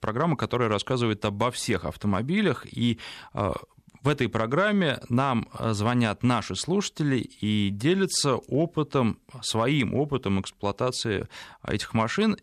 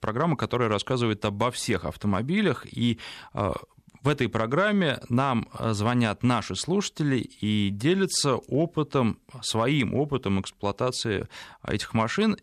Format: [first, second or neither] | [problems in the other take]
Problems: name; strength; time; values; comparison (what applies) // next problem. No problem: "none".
neither | none